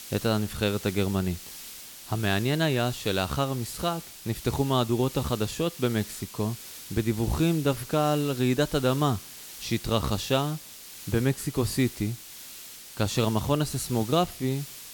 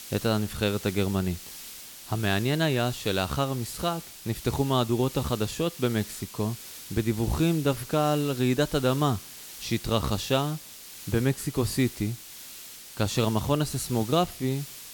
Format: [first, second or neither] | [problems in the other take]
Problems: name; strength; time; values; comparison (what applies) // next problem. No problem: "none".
neither | hiss; noticeable; throughout; 15 dB below the speech; the same in both